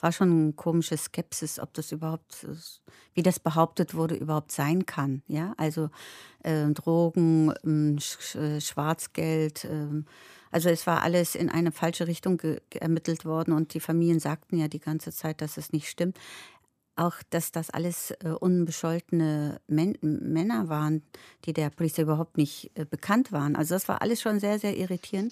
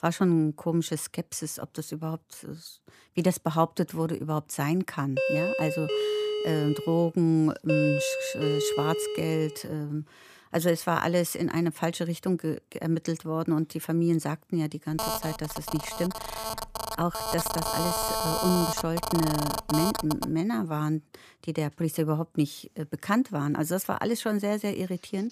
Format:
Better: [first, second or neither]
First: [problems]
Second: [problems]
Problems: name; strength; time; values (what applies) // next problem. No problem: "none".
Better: first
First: none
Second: doorbell; loud; from 5 to 9.5 s; peak 2 dB above the speech // phone ringing; loud; from 15 to 20 s; peak 1 dB above the speech